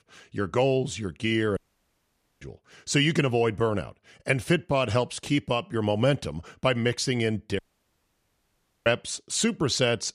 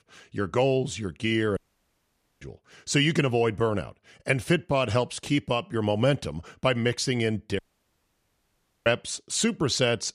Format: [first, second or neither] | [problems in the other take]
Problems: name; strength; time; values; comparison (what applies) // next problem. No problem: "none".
neither | audio cutting out; at 1.5 s for 1 s and at 7.5 s for 1.5 s; the same in both